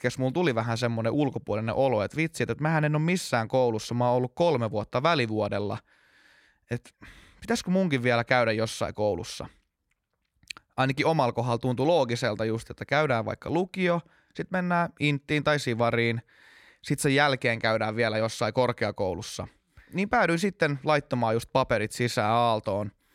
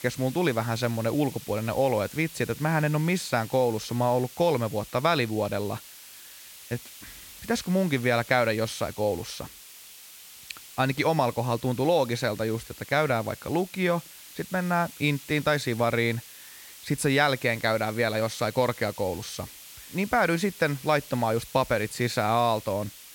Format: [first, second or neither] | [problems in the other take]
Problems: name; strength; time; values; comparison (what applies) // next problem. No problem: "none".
first | hiss; noticeable; throughout; 15 dB below the speech